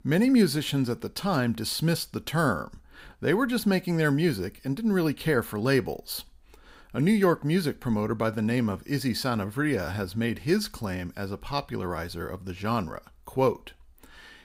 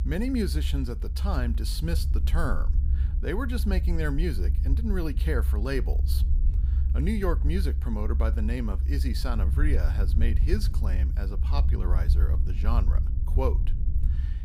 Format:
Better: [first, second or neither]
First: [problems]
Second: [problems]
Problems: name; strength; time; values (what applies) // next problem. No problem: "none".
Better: first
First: none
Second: low rumble; noticeable; throughout; 10 dB below the speech